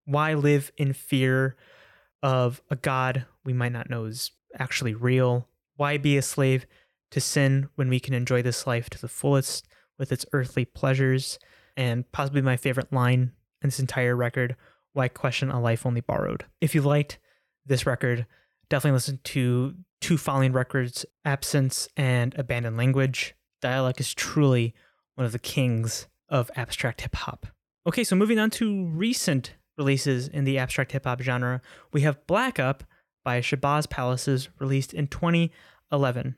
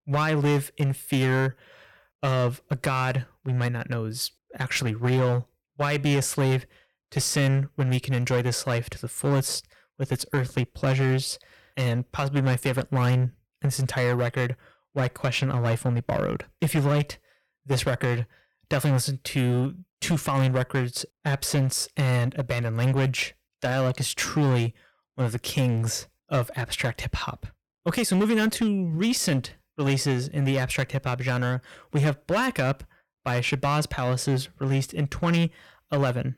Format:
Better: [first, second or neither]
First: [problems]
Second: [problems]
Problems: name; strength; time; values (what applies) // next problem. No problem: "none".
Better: first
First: none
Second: distortion; slight; 9% of the sound clipped